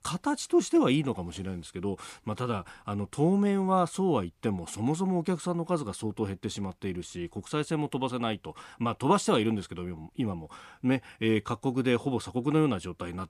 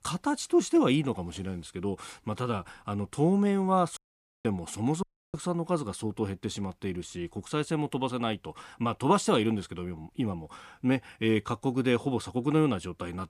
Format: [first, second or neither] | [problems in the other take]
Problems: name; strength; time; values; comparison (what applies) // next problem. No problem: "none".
first | audio cutting out; at 4 s and at 5 s